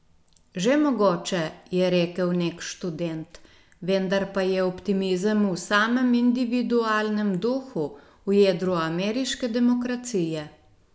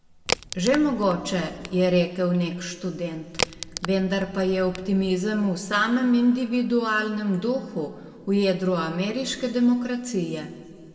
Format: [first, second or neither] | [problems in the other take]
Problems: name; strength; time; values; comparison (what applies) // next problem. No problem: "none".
first | background sound (Crack); 10 dB below the speech // room echo; dies away in 1.5 s